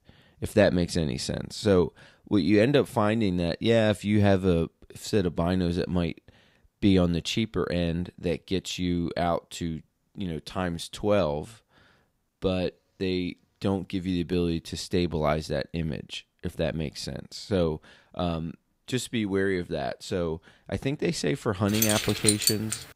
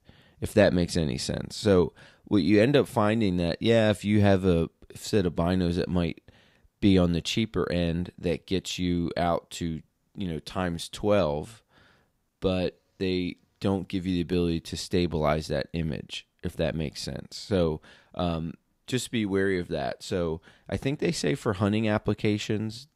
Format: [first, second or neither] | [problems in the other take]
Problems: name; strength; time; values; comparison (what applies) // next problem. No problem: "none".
second | jangling keys; loud; from 22 s on; peak 4 dB above the speech